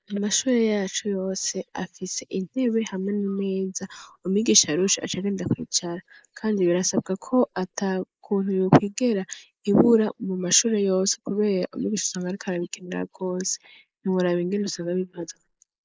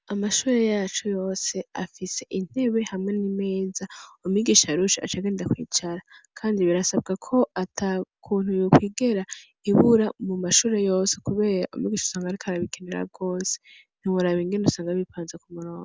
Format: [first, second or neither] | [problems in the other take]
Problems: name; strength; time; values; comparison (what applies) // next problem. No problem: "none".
second | noise reduction (neural mask model Resemble Enhance denoiser)